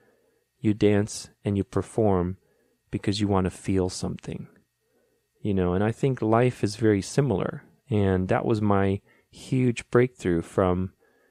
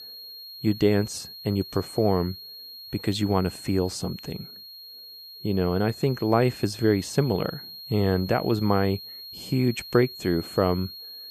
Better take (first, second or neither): first